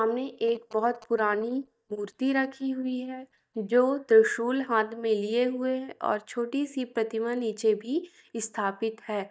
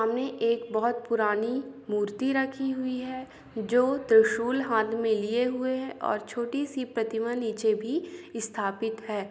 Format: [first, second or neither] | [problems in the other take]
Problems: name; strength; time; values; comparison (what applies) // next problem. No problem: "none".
second | noise reduction (neural mask model DeepFilterNet 3)